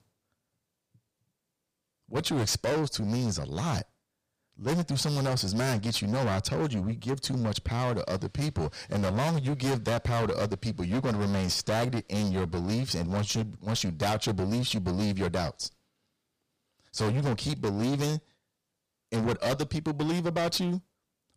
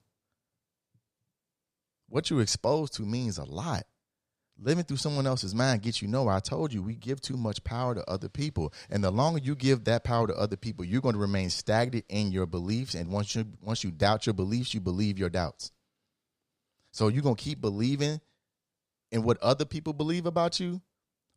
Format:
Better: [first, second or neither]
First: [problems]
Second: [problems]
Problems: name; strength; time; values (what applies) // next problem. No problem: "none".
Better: second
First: distortion; heavy; 19% of the sound clipped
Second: none